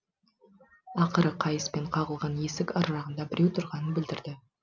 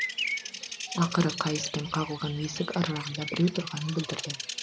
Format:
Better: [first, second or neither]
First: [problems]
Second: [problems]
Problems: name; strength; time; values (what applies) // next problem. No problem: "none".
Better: first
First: none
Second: background sound (Bird vocalization, bird call, bird song); 6 dB below the speech